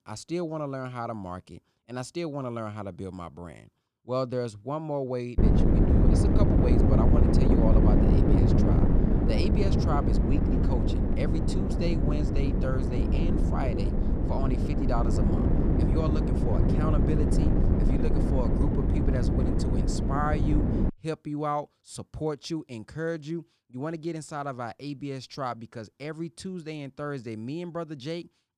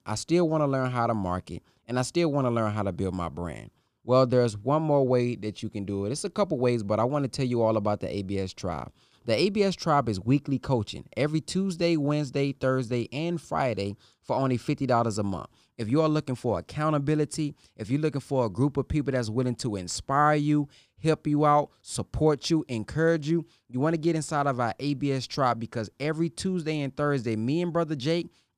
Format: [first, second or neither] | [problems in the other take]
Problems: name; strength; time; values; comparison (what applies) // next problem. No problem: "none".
second | wind noise on the microphone; heavy; from 5.5 to 21 s; 2 dB above the speech